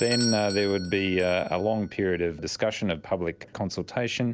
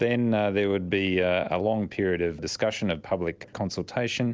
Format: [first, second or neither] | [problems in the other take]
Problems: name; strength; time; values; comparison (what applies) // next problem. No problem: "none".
second | background sound (Bell / Doorbell); 12 dB below the speech